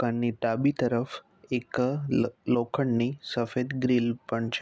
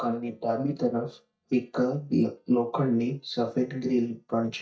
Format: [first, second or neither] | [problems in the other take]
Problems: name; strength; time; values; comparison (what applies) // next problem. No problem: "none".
first | noise reduction (neural mask model DeepFilterNet 3)